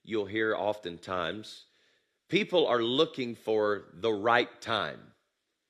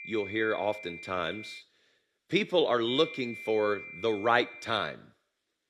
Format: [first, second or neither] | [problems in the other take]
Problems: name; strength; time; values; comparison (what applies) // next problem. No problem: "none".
first | high-pitched whine; noticeable; until 1.5 s and from 3 to 5 s; 2.5 kHz, 15 dB below the speech